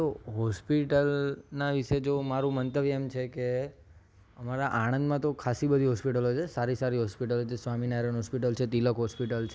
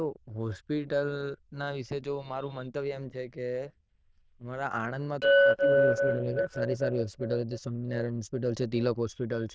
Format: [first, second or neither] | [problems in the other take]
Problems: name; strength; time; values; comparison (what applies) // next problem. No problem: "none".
first | noise reduction (neural diffusion model UNIVERSE++)